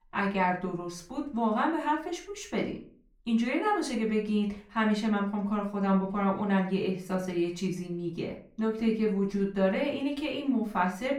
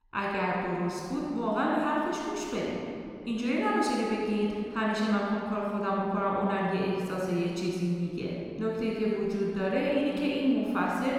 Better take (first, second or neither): first